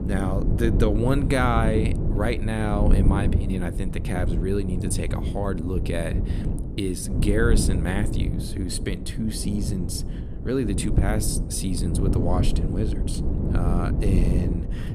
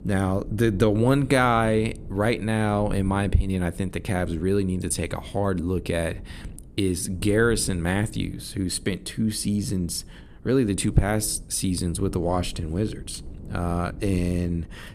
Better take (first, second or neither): second